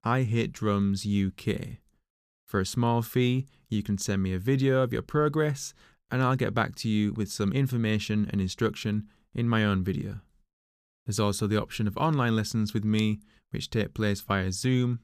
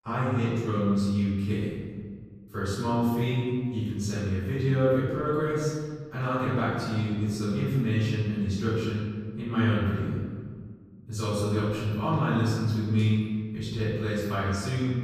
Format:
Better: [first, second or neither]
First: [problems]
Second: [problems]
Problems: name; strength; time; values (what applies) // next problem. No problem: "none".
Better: first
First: none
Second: off-mic speech; far // room echo; strong; dies away in 1.6 s